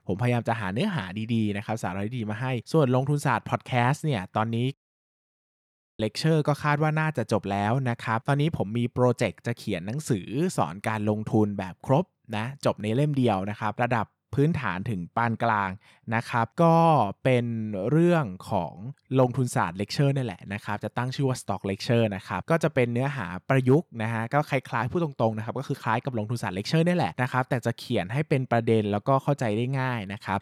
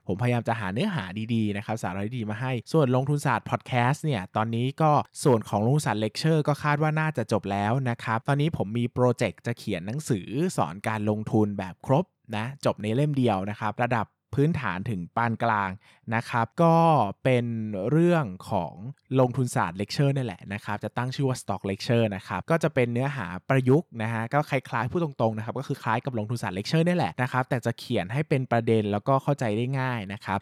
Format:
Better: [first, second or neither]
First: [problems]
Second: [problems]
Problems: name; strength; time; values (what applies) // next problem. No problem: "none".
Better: second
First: audio cutting out; at 4.5 s for 1.5 s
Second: none